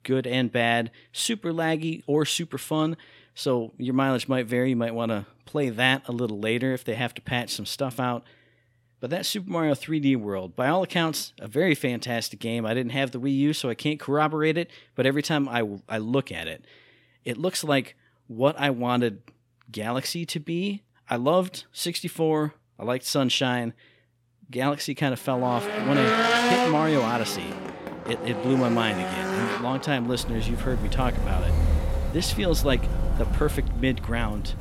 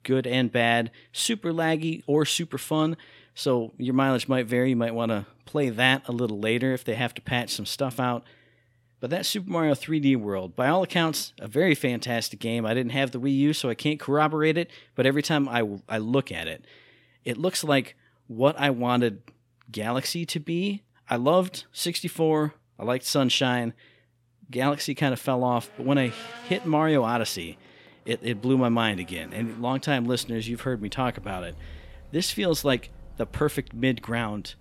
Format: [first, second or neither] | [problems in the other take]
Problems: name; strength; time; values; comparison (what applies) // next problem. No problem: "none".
second | traffic noise; loud; from 26 s on; 2 dB below the speech; faint in the second